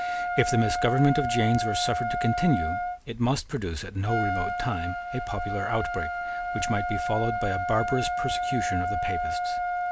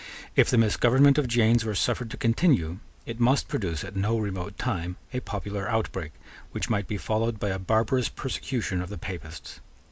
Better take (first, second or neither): second